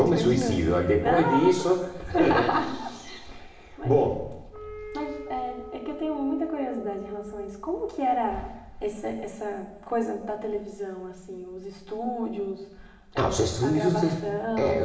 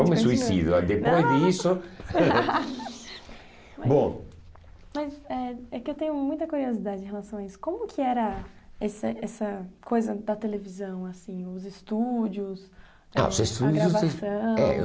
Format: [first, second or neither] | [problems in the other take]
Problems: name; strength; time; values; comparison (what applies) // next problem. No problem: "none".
second | background sound (Wind instrument, woodwind instrument); 15 dB below the speech // room echo; dies away in 1.1 s